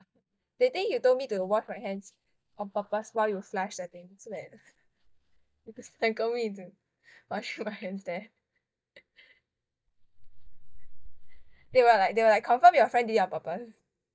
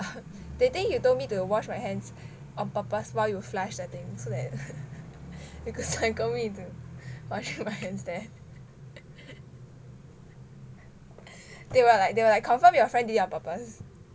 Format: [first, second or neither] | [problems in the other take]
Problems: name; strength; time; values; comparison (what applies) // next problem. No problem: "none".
second | noise reduction (neural mask model DeepFilterNet 3)